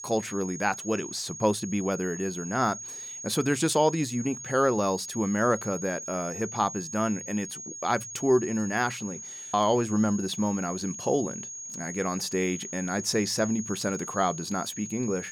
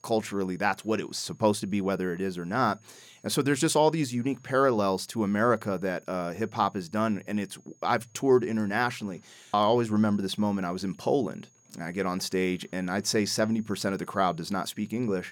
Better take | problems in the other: second | high-pitched whine; loud; throughout; 6.5 kHz, 9 dB below the speech; faint in the second

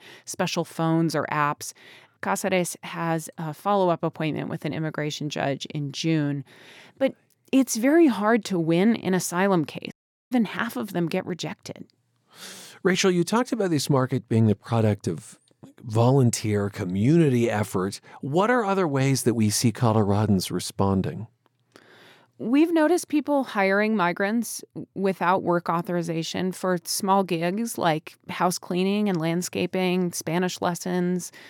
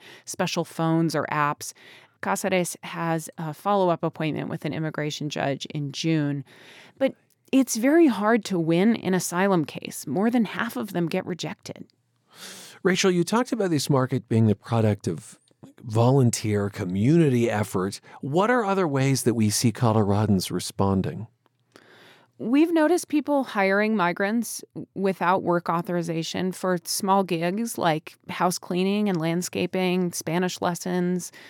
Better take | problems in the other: second | audio cutting out; at 10 s

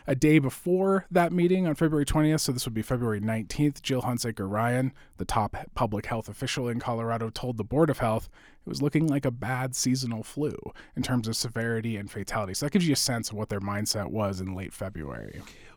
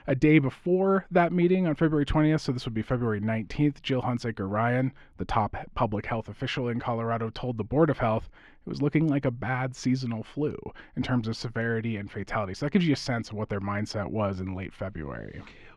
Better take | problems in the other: first | muffled; slightly; fading above 2.5 kHz

